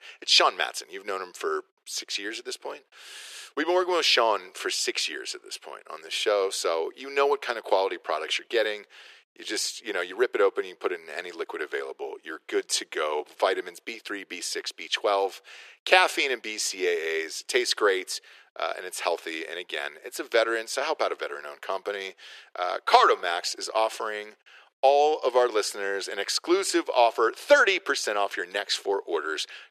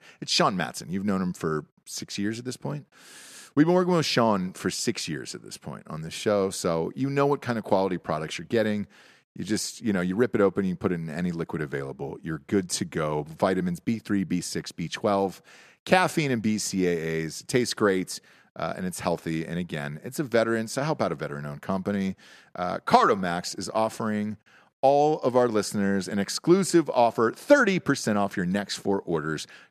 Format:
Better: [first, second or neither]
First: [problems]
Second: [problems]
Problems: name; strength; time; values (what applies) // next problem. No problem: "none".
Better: second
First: thin; very; fading below 400 Hz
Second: none